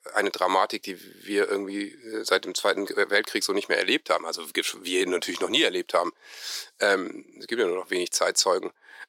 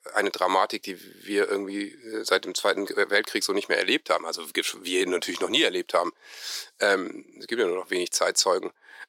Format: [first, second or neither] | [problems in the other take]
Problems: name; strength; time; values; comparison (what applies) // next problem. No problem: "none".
neither | thin; somewhat; fading below 400 Hz; the same in both